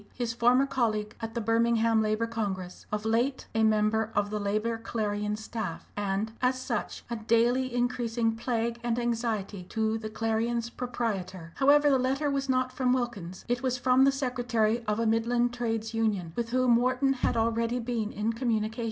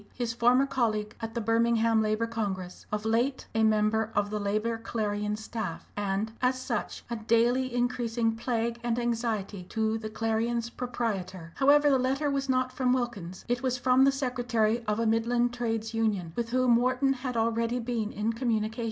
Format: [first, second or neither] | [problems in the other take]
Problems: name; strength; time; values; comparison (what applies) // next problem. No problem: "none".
second | background sound (Bass drum); 9 dB below the speech